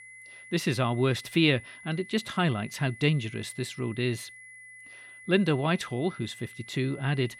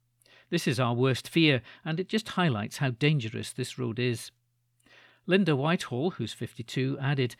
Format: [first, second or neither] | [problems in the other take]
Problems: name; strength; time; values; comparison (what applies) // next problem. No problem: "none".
second | high-pitched whine; noticeable; throughout; 2 kHz, 20 dB below the speech